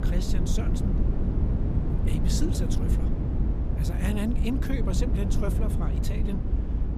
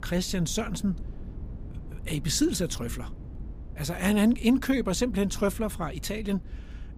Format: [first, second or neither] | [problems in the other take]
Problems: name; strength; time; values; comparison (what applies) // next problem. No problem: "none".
second | low rumble; loud; throughout; 1 dB below the speech; faint in the second